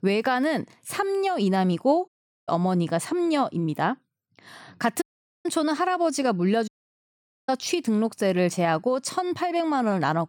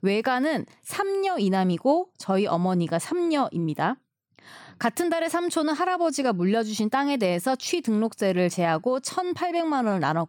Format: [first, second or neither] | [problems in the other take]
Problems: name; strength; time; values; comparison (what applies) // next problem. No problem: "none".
second | audio cutting out; at 2 s, at 5 s and at 6.5 s for 1 s